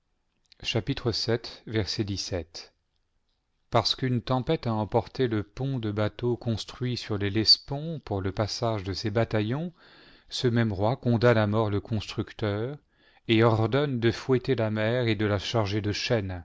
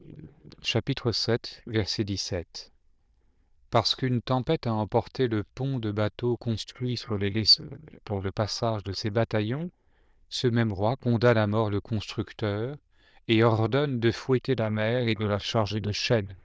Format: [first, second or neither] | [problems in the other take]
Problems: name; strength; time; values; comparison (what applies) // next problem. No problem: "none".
first | noise reduction (neural diffusion model UNIVERSE++)